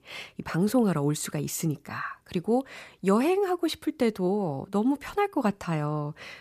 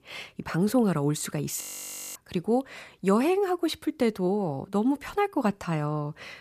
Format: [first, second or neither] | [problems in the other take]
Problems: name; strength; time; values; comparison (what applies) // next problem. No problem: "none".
first | audio freezing; at 1.5 s for 0.5 s